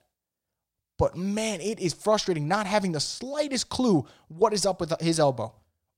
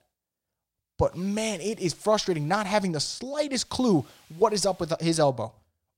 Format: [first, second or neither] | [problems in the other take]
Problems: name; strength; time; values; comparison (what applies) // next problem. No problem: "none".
first | hiss; very faint; from 1 to 3 s and from 3.5 to 5 s; 30 dB below the speech